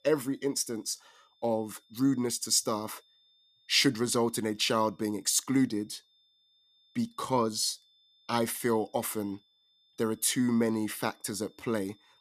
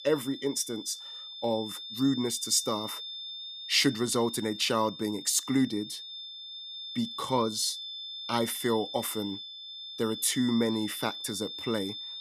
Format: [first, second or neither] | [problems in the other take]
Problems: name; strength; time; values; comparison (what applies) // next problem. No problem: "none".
first | high-pitched whine; loud; throughout; 3.5 kHz, 9 dB below the speech; faint in the first